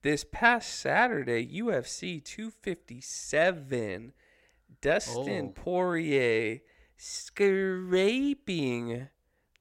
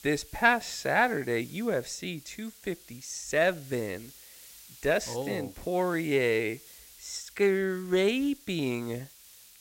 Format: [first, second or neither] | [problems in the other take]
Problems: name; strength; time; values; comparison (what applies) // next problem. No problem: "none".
first | hiss; faint; throughout; 20 dB below the speech